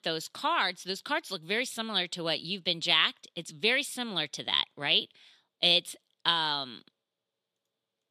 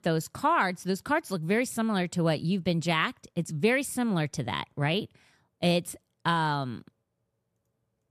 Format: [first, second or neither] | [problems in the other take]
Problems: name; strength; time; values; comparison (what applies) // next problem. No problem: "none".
second | thin; somewhat; fading below 300 Hz